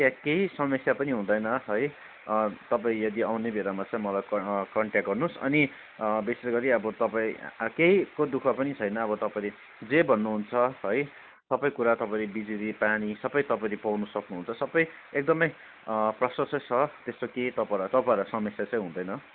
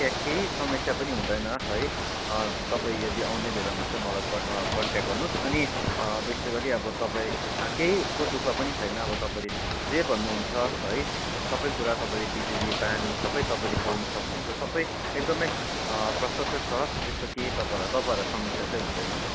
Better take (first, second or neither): first